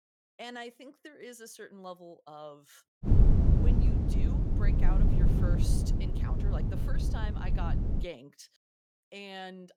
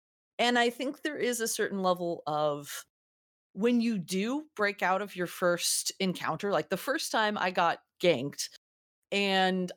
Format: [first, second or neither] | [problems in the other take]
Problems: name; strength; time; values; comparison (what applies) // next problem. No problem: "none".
second | wind noise on the microphone; heavy; from 3 to 8 s; 3 dB above the speech